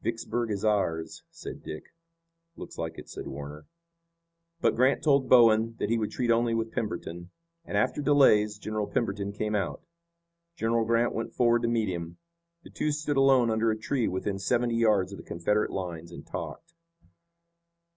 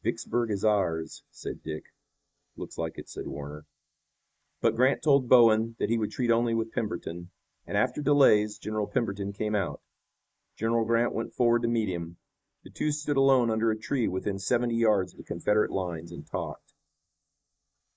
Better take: first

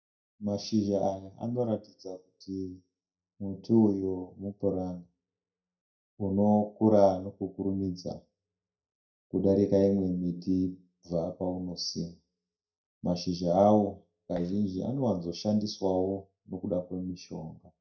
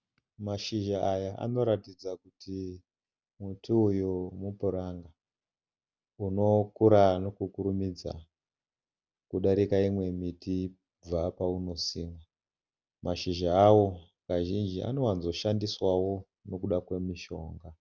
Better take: second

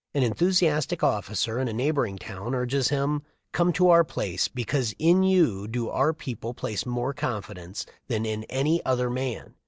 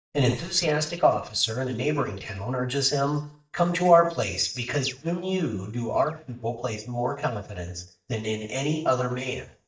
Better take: first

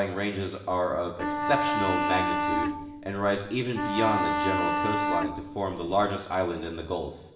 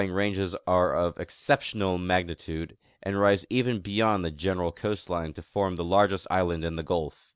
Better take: second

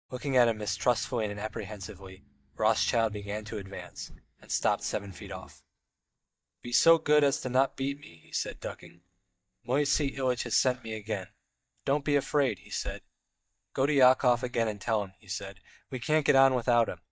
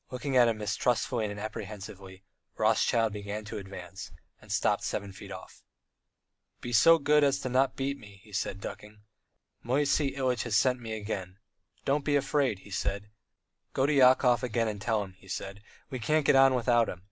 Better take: second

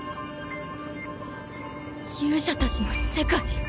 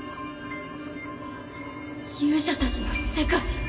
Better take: first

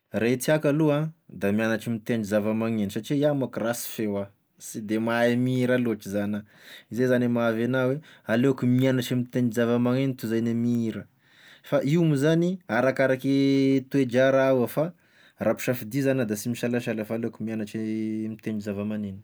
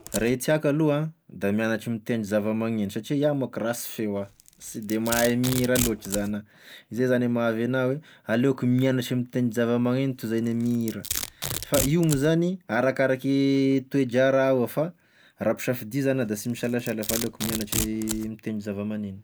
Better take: first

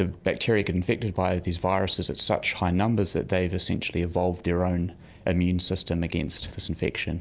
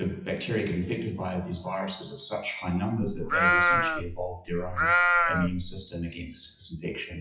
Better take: first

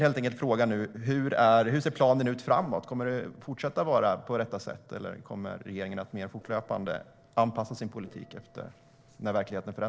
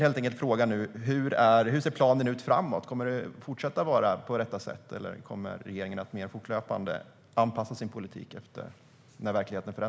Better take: second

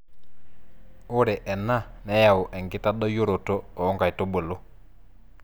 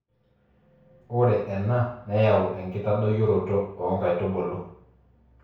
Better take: first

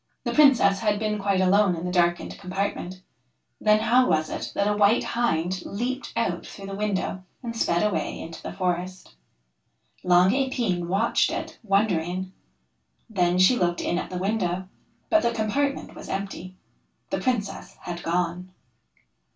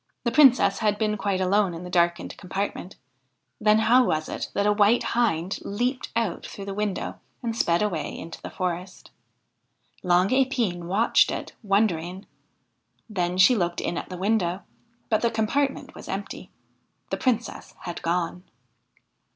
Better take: second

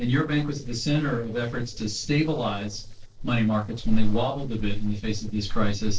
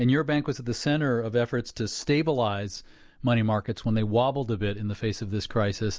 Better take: second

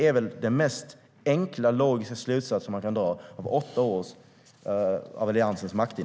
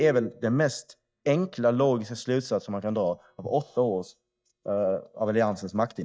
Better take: first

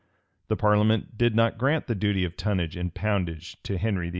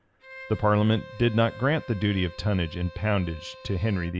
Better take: first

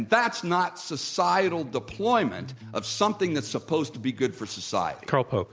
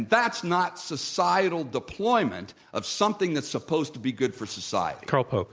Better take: second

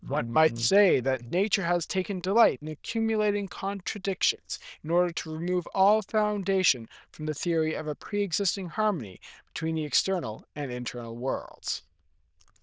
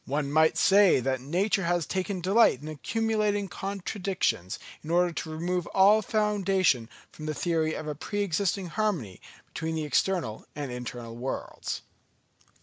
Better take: second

